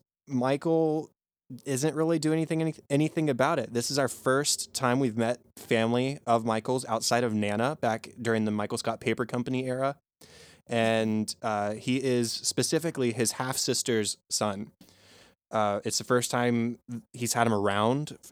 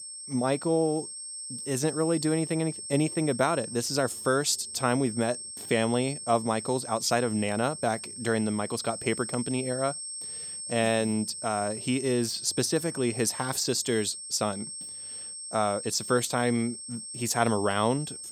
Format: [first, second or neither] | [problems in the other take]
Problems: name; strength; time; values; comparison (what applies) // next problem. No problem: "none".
first | high-pitched whine; loud; throughout; 8.5 kHz, 8 dB below the speech